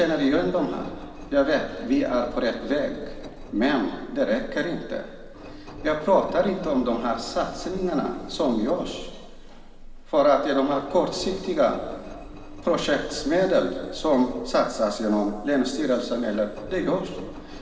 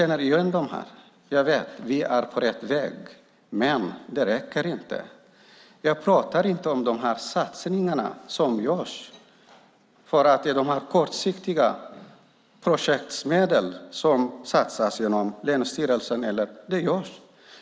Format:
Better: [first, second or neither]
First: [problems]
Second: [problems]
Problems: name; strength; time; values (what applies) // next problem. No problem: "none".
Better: second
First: background sound (Engine); 14 dB below the speech // room echo; dies away in 2.6 s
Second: none